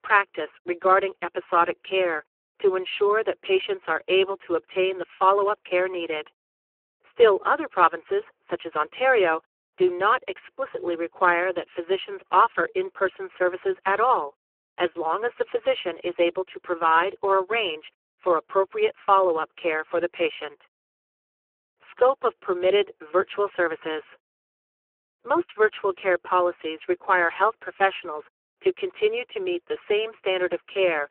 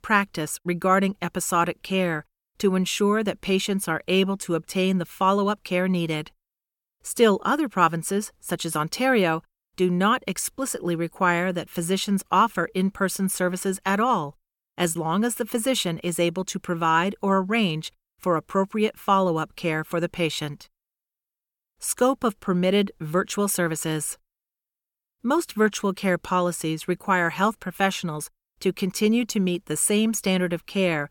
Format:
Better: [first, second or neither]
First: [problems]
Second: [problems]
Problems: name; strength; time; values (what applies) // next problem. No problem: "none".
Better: second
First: phone-call audio; poor line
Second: none